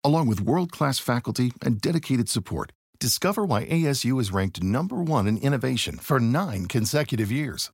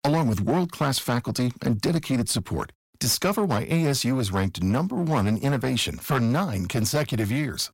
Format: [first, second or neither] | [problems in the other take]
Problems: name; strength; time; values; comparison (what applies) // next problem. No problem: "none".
first | distortion; slight; 9% of the sound clipped